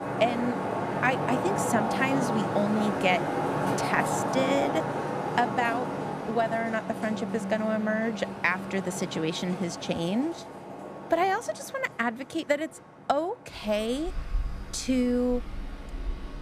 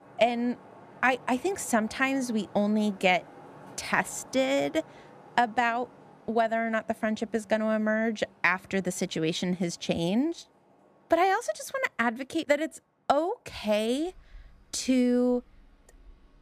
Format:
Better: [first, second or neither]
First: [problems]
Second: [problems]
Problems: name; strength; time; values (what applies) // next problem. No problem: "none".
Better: second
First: traffic noise; loud; throughout; 3 dB below the speech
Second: traffic noise; faint; throughout; 25 dB below the speech